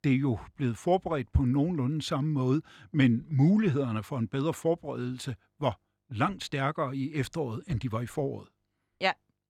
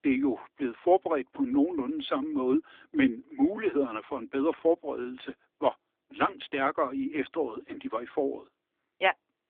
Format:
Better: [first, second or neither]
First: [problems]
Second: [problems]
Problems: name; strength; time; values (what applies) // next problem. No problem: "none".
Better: first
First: none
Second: phone-call audio; nothing above 3.5 kHz